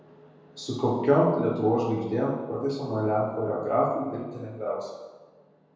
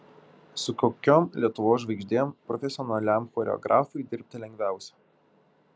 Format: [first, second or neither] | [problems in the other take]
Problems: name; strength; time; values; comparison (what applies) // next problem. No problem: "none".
second | room echo; dies away in 1.2 s